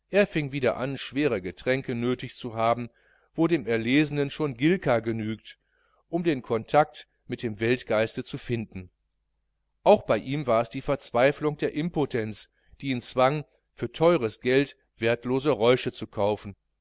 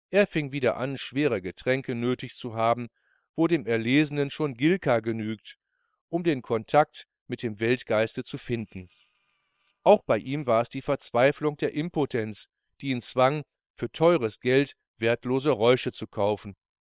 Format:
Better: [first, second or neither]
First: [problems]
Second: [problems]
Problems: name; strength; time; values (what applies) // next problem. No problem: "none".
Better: first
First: none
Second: noise reduction (neural separator model SepFormer WHAM!)